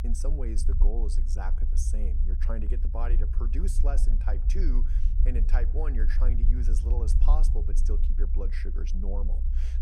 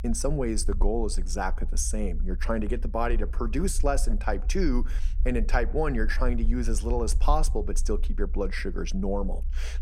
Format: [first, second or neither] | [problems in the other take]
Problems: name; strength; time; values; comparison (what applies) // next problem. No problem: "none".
second | low rumble; loud; throughout; 8 dB below the speech; faint in the second